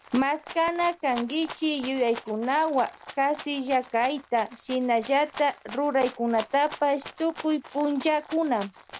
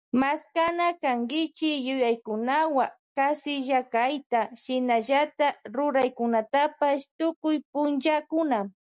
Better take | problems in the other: second | background sound (Rattle (instrument)); 17 dB below the speech

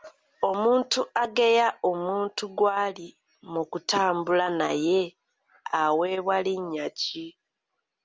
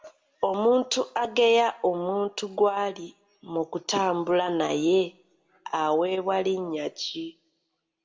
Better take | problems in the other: first | room echo; dies away in 0.3 s

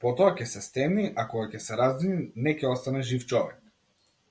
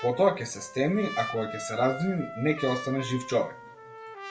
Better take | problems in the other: first | background sound (Trumpet); 11 dB below the speech // room echo; dies away in 0.5 s

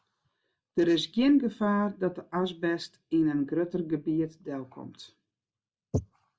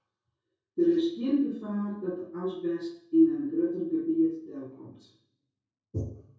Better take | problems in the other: first | room echo; dies away in 0.6 s

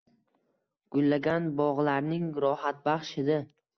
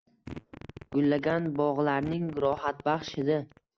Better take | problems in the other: first | background sound (Fart); 17 dB below the speech

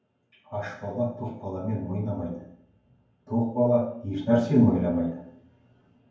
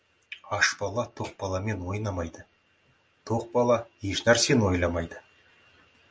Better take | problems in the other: second | room echo; dies away in 0.9 s

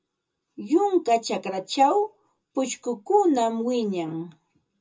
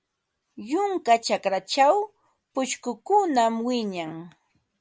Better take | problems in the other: second | room echo; dies away in 0.2 s

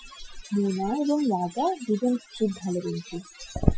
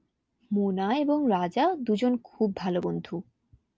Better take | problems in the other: second | noise reduction (classical method Wiener filter)

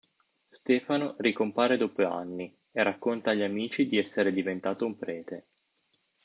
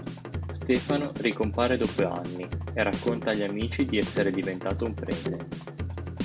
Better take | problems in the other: first | background sound (Drum kit); 4 dB below the speech

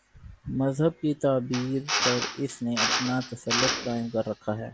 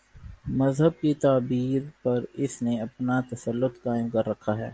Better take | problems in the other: second | background sound (Drill); 2 dB below the speech

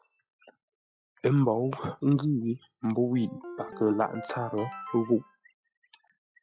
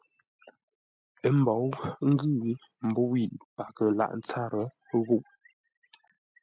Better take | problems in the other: second | noise reduction (classical method log-MMSE)

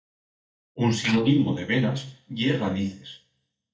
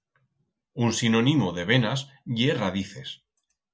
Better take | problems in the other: second | noise reduction (neural mask model DeepFilterNet 3)

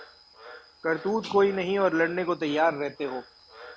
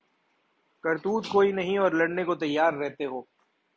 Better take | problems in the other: second | background sound (Frog); 20 dB below the speech

